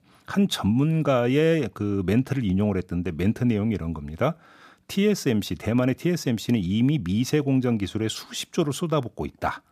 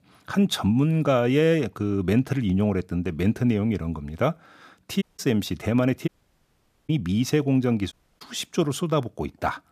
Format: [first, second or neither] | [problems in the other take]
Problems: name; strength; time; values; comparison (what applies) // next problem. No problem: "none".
first | audio cutting out; at 5 s, at 6 s for 1 s and at 8 s